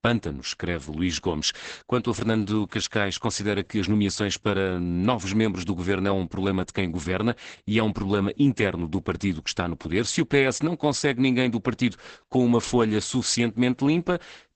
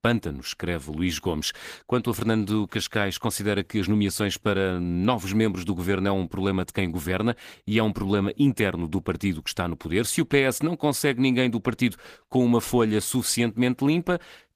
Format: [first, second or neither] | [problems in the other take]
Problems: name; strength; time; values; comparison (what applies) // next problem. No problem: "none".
second | garbled, watery; badly; nothing above 8 kHz; slightly in the second